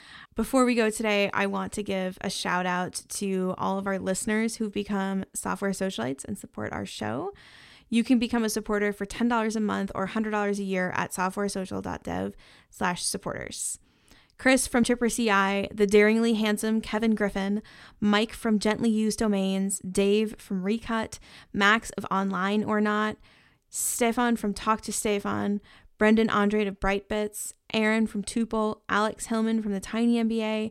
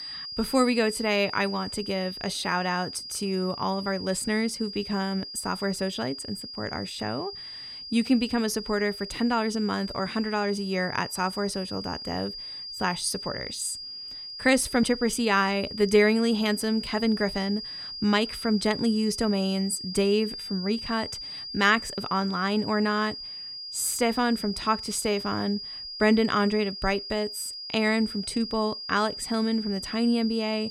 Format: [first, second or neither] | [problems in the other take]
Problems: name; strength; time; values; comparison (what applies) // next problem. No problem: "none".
first | high-pitched whine; loud; throughout; 5 kHz, 9 dB below the speech